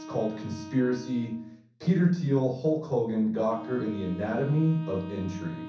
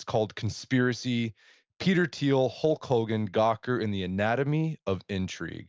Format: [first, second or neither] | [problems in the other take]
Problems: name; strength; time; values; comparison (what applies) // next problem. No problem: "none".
second | background sound (Wind instrument, woodwind instrument); 15 dB below the speech // room echo; dies away in 0.6 s